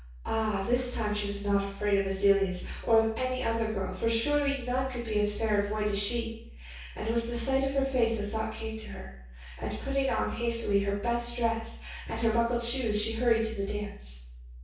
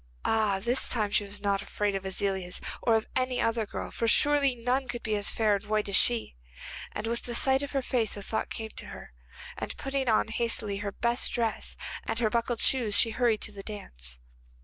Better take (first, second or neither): second